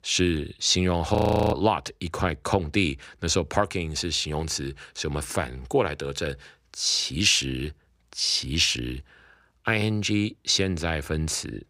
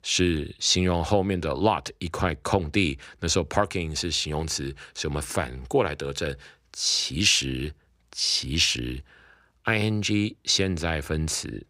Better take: second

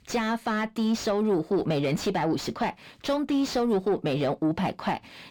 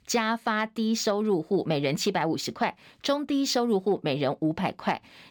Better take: second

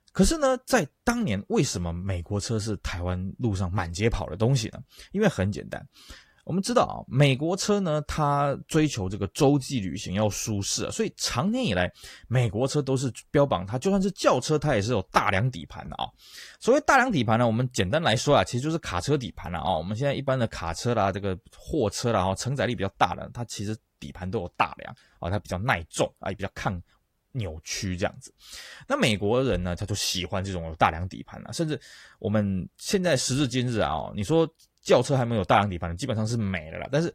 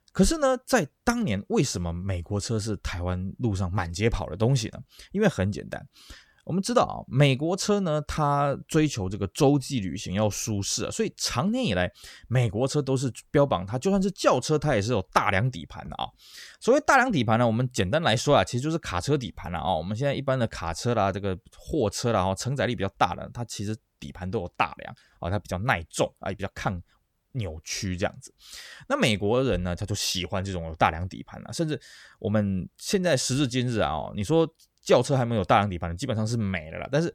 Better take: second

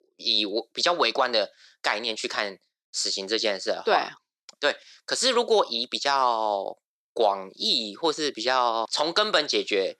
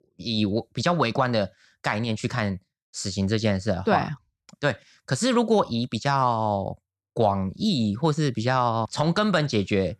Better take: second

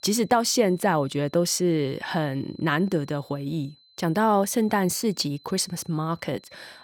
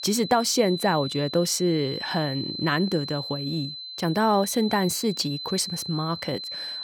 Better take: first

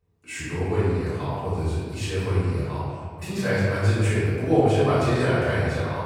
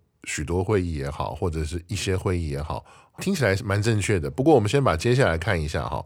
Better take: second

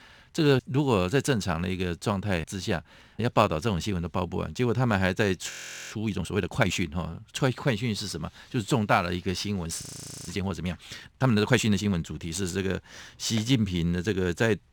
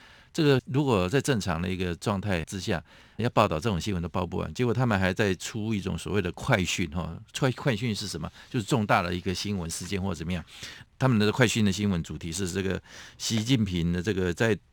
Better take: second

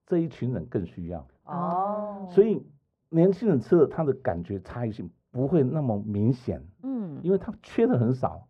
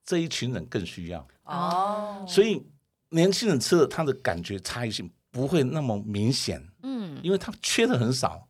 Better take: second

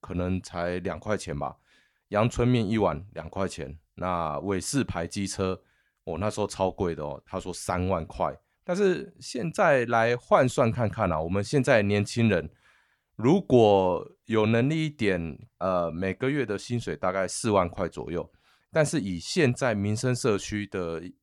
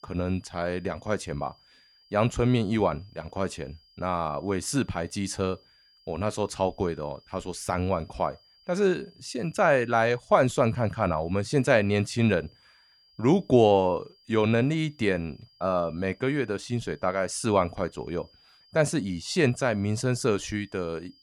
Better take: first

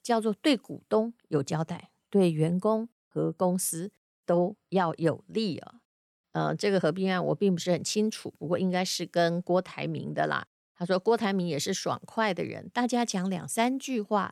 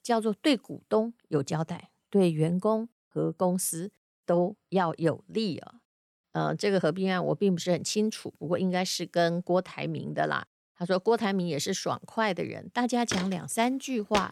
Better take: first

